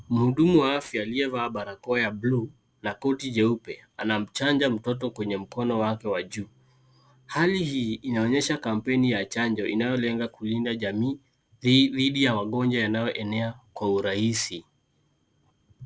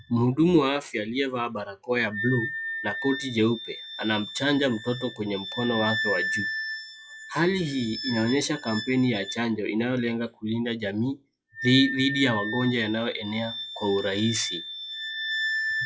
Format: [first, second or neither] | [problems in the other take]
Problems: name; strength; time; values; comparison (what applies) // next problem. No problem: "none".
first | noise reduction (classical method log-MMSE)